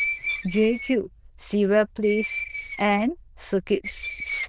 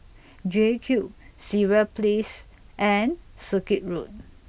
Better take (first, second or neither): second